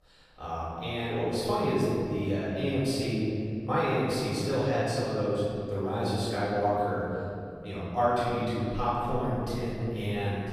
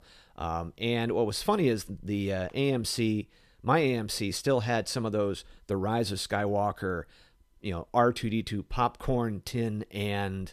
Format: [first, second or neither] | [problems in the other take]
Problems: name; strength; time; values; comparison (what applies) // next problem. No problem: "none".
second | off-mic speech; far // room echo; strong; dies away in 2.6 s